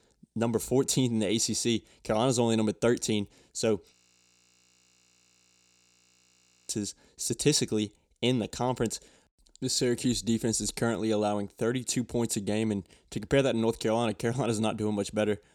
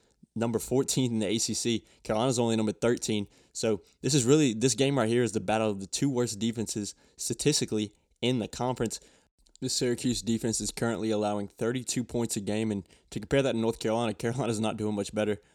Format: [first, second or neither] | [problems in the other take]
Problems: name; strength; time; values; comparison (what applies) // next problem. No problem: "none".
second | audio freezing; at 4 s for 3 s